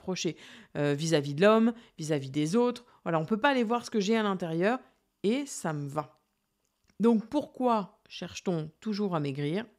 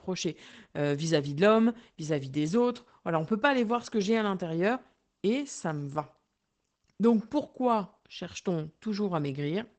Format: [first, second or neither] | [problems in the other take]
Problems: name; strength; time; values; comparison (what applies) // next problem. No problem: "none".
first | garbled, watery; badly; nothing above 8 kHz